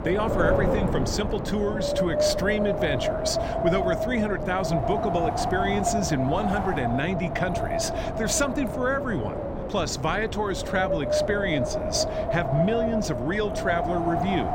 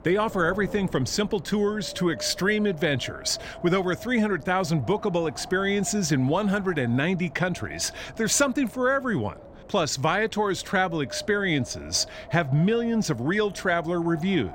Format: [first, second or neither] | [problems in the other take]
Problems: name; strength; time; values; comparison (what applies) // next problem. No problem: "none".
second | wind noise on the microphone; heavy; 1 dB above the speech; occasional gusts in the second